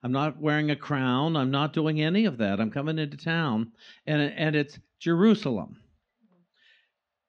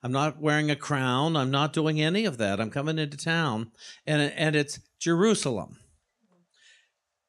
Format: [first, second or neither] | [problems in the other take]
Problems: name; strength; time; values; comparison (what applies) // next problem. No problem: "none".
second | muffled; slightly; fading above 4 kHz